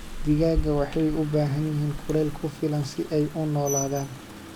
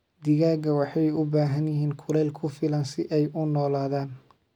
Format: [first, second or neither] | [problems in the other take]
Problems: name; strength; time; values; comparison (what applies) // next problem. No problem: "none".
second | background sound (Rain); 8 dB below the speech